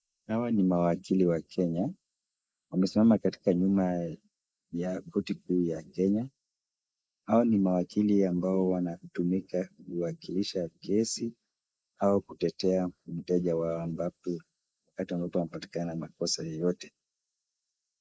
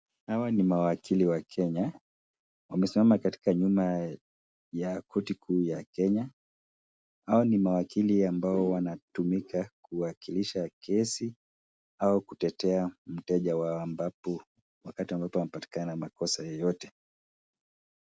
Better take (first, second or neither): second